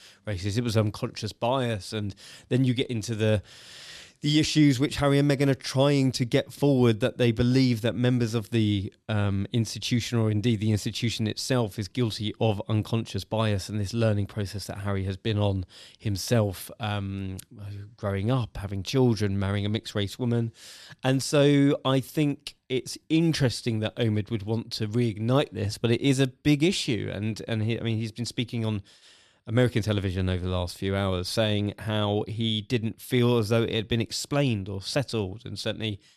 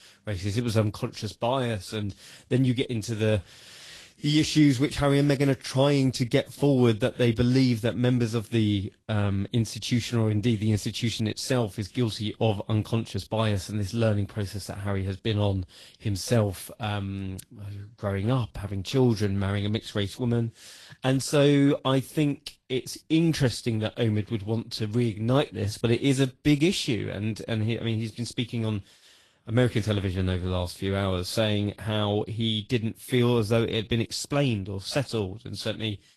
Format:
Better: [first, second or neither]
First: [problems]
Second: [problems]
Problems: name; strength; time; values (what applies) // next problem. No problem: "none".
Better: first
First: none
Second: garbled, watery; slightly; nothing above 12.5 kHz